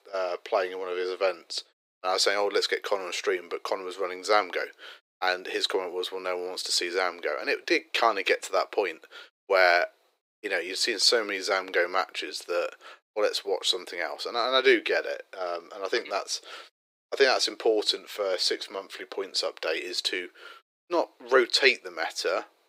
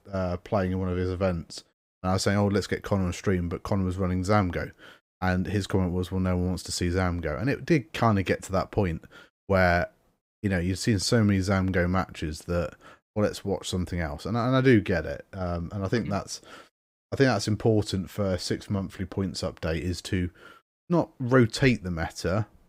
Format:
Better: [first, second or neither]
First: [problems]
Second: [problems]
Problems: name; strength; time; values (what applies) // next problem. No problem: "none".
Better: second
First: thin; very; fading below 400 Hz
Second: none